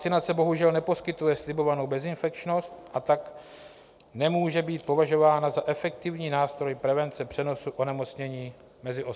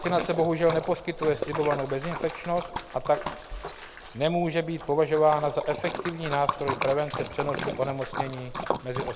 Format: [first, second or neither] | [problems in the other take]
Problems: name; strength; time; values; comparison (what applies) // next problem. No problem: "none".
first | background sound (Splash, splatter); 7 dB below the speech